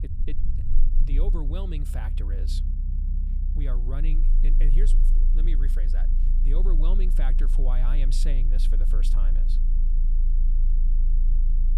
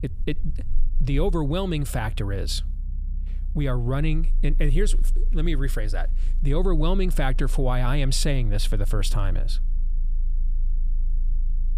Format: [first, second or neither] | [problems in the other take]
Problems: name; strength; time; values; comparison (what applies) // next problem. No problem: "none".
second | low rumble; loud; throughout; 8 dB below the speech; faint in the second